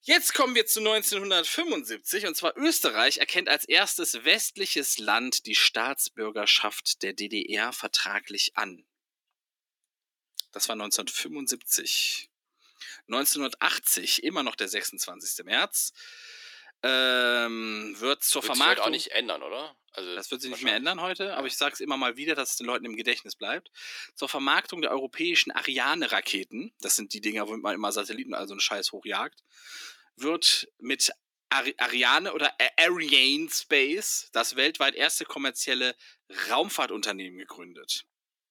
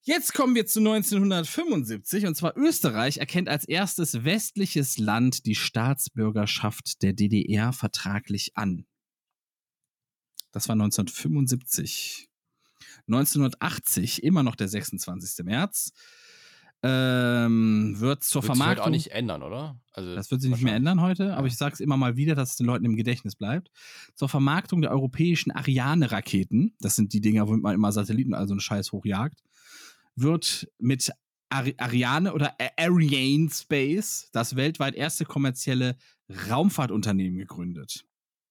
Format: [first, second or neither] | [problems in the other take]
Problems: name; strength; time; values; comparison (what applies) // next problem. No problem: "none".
second | thin; very; fading below 350 Hz